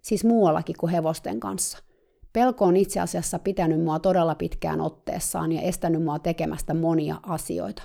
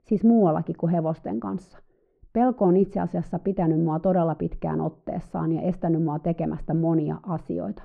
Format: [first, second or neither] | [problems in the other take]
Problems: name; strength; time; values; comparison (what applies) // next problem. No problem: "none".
first | muffled; very; fading above 1.5 kHz